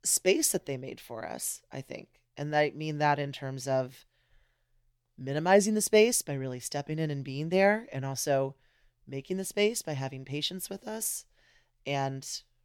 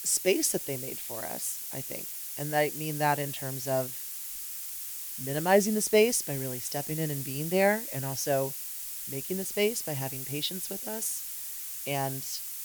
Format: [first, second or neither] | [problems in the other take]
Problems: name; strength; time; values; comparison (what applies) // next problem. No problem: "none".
first | hiss; loud; throughout; 5 dB below the speech